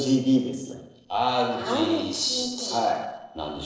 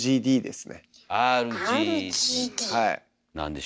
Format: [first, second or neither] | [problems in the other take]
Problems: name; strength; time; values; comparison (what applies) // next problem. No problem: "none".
second | noise reduction (neural separator model SepFormer DNS4)